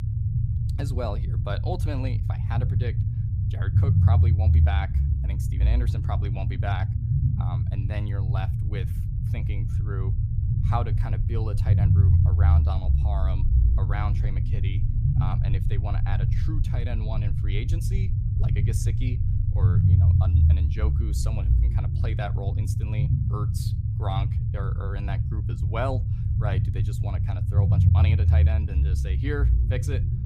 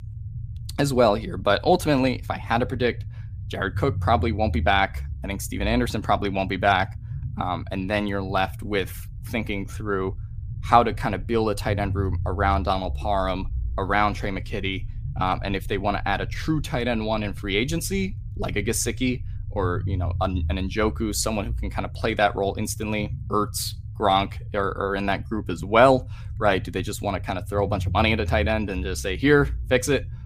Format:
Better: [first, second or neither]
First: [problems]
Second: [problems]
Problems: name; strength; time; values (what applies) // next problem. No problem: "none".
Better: second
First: low rumble; loud; throughout; 1 dB below the speech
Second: low rumble; faint; throughout; 25 dB below the speech